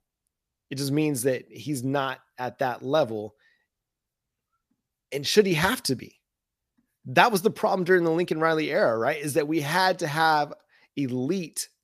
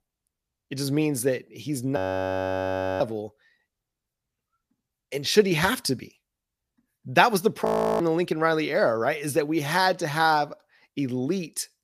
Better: first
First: none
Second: audio freezing; at 2 s for 1 s and at 7.5 s

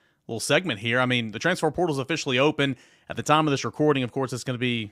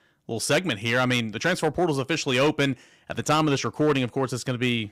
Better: first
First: none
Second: distortion; slight; 5% of the sound clipped

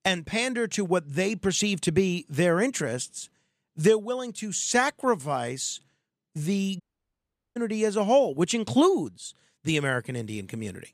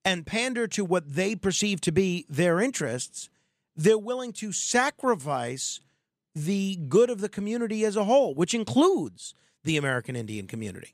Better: second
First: audio cutting out; at 7 s for 1 s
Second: none

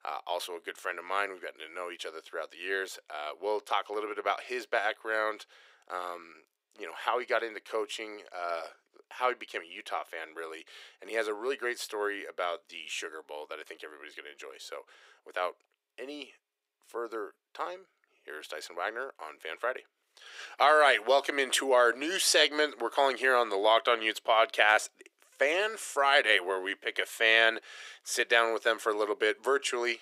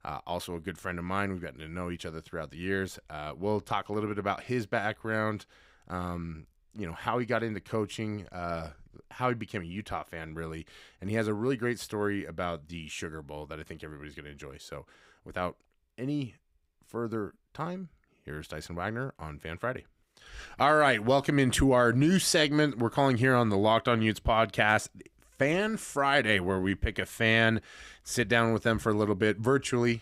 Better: second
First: thin; very; fading below 400 Hz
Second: none

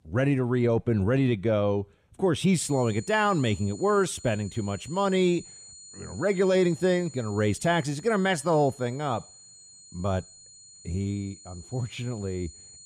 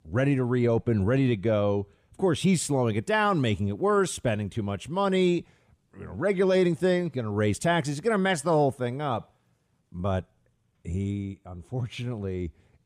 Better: second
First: high-pitched whine; noticeable; from 2.5 s on; 7 kHz, 20 dB below the speech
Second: none

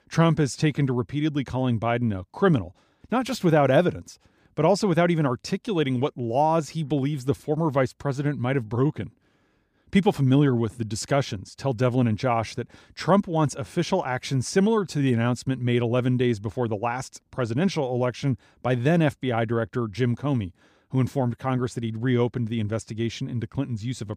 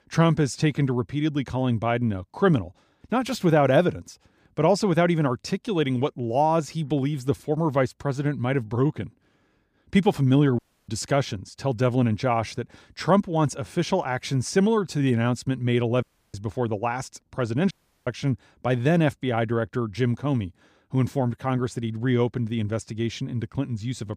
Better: first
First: none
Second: audio cutting out; at 11 s, at 16 s and at 18 s

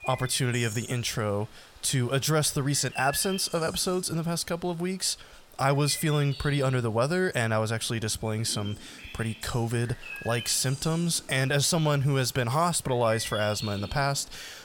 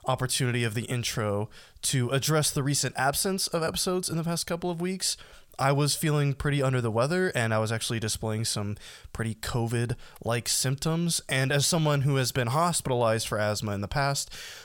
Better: second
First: animal sounds; noticeable; throughout; 15 dB below the speech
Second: none

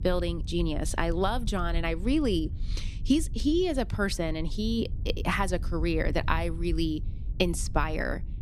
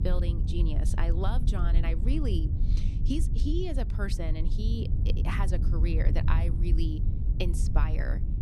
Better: first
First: low rumble; faint; throughout; 20 dB below the speech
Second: low rumble; loud; throughout; 6 dB below the speech

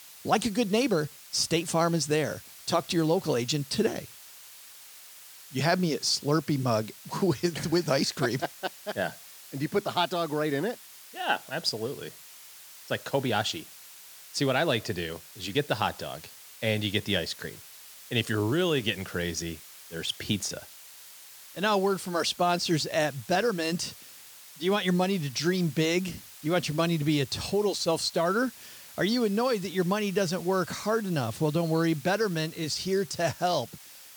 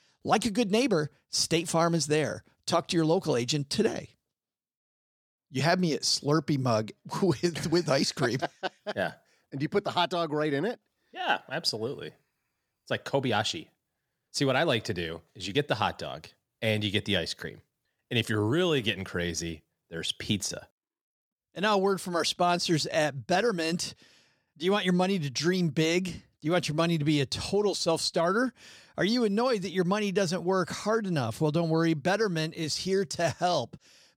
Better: second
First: hiss; noticeable; throughout; 15 dB below the speech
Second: none

